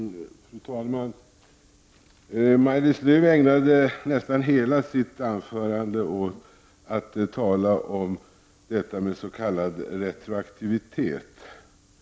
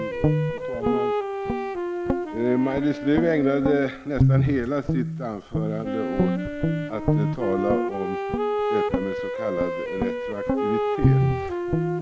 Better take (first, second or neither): first